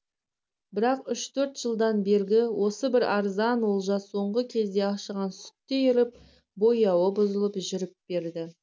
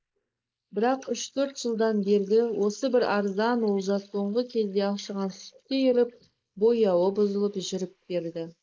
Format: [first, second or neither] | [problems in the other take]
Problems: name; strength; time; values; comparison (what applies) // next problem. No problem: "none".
first | noise reduction (neural mask model Resemble Enhance denoiser)